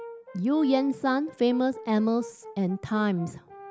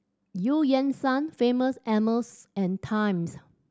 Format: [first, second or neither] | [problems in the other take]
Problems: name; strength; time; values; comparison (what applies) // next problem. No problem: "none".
second | background sound (Brass instrument); 17 dB below the speech